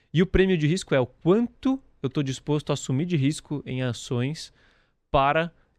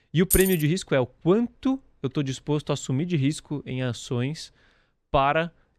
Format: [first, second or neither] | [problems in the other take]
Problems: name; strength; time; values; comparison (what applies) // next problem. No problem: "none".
first | jangling keys; loud; at 0.5 s; peak 1 dB above the speech